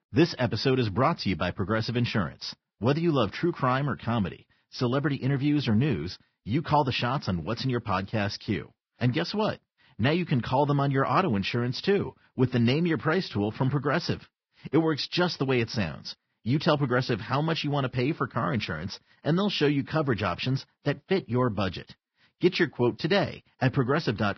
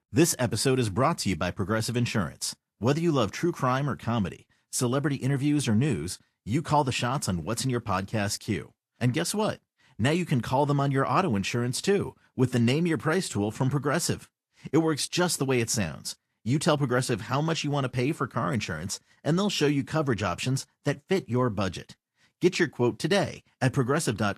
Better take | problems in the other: second | garbled, watery; badly; nothing above 5.5 kHz; slightly in the second

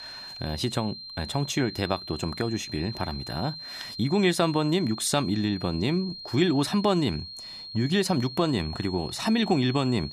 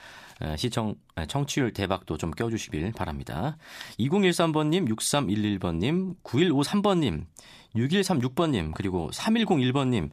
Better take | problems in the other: second | high-pitched whine; noticeable; throughout; 4 kHz, 10 dB below the speech

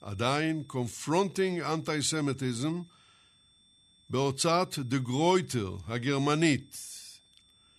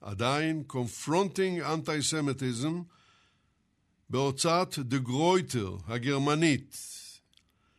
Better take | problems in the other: second | high-pitched whine; faint; throughout; 3.5 kHz, 30 dB below the speech

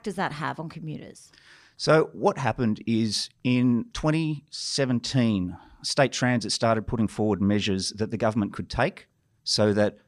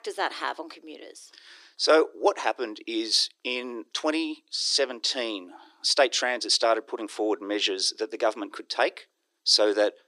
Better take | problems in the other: first | thin; very; fading below 300 Hz

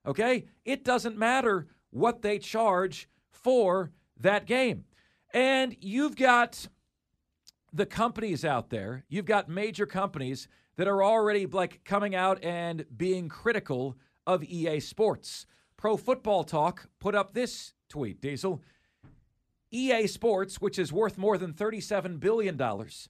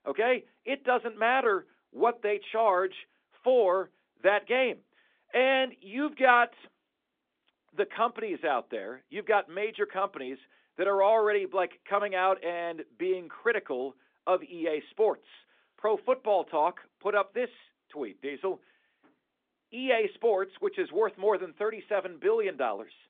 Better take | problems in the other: first | phone-call audio

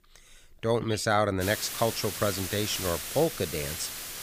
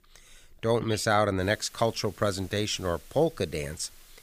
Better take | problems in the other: second | hiss; loud; from 1.5 s on; 5 dB below the speech; faint in the second

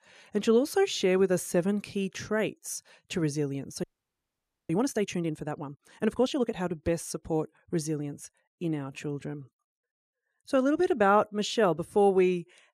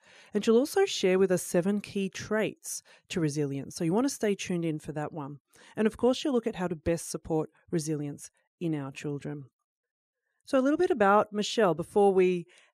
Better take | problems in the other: second | audio freezing; at 4 s for 1 s

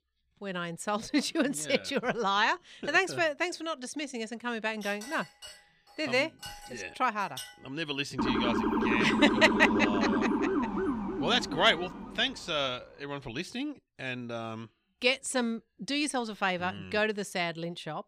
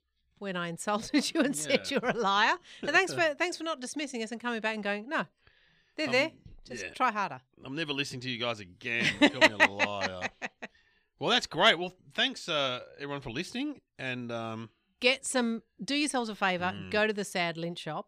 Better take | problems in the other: second | clattering dishes; faint; from 5 to 7.5 s; peak 10 dB below the speech // siren; loud; from 8 to 12 s; peak 2 dB above the speech

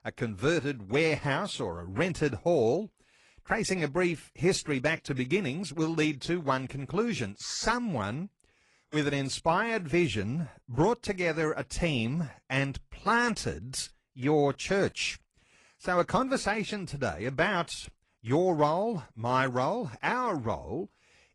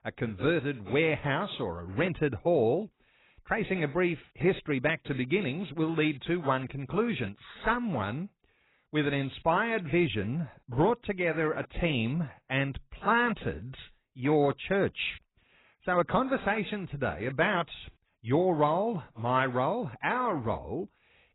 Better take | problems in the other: first | garbled, watery; badly; nothing above 4 kHz; slightly in the first

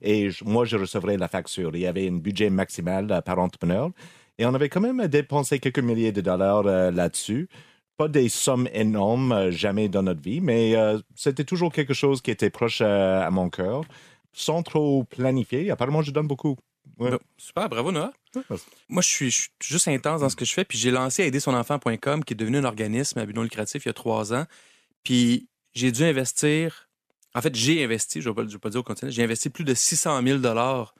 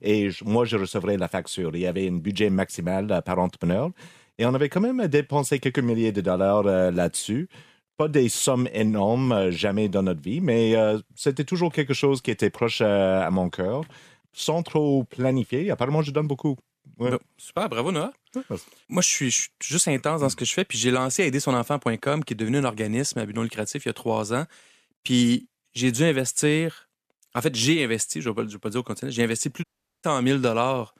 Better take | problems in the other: first | audio cutting out; at 30 s

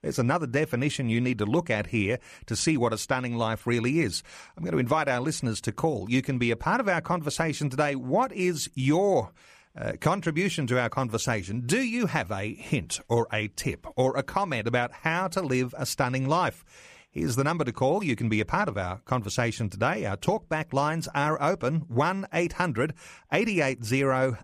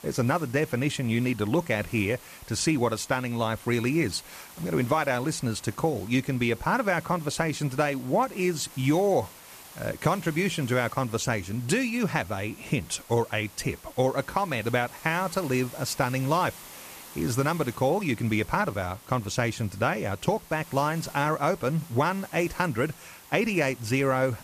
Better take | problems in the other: first | hiss; noticeable; throughout; 20 dB below the speech

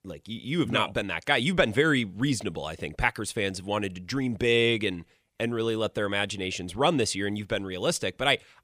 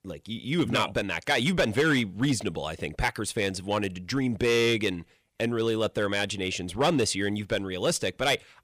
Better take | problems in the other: first | distortion; slight; 3% of the sound clipped

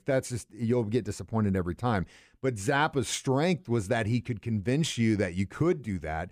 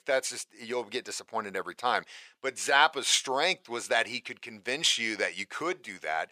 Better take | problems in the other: first | thin; very; fading below 700 Hz

